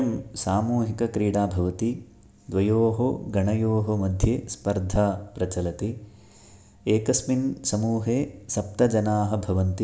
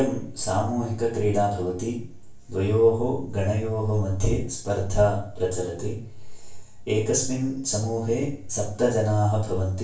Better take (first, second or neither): first